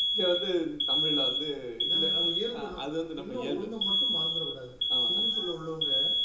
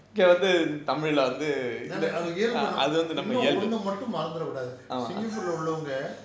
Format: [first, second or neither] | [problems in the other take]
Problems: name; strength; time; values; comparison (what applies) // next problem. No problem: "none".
second | background sound (Alarm); 5 dB above the speech // room echo; dies away in 0.2 s